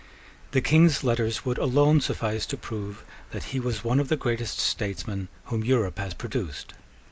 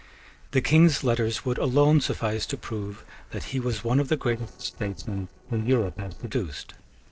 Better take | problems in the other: first | noise reduction (neural separator model SepFormer DNS4)

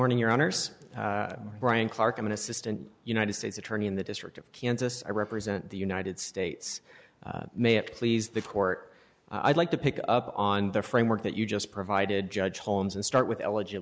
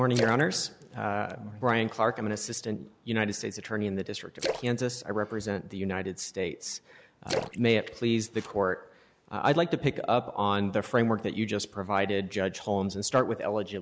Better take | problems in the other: first | background sound (Splash, splatter); 10 dB below the speech

